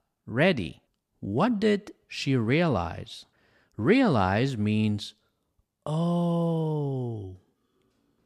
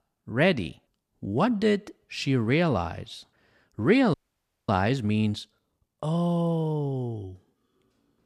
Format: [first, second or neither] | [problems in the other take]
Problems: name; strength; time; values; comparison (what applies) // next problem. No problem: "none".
first | audio freezing; at 4 s for 0.5 s